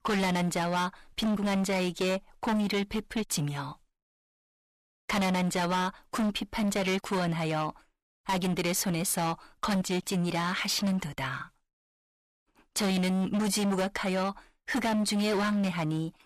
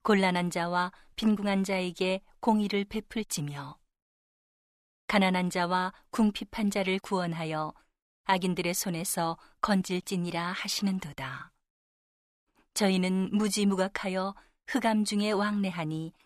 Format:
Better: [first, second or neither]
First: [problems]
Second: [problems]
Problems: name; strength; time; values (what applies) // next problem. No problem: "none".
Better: second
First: distortion; heavy; 20% of the sound clipped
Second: none